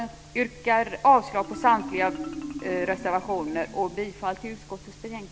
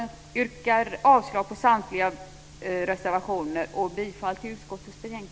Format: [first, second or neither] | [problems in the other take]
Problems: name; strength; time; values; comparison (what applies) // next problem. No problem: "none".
second | background sound (Marimba, xylophone); 14 dB below the speech